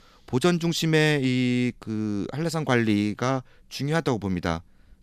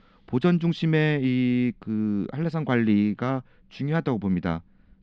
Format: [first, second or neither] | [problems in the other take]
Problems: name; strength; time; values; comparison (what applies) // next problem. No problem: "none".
first | muffled; slightly; fading above 3 kHz